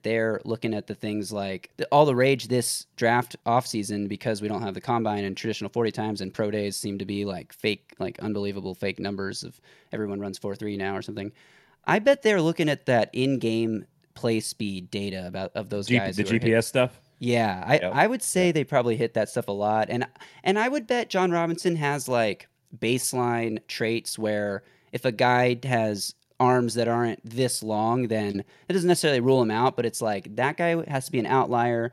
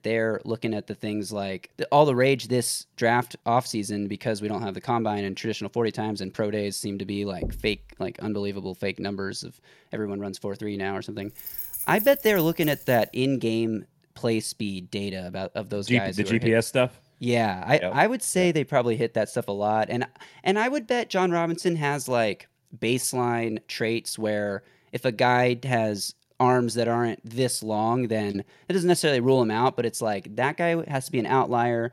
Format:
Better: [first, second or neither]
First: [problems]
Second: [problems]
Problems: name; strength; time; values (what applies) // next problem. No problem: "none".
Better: first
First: none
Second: door banging; faint; at 7.5 s; peak 10 dB below the speech // jangling keys; noticeable; from 11 to 13 s; peak 4 dB below the speech